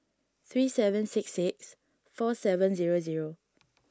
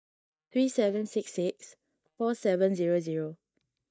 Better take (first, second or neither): first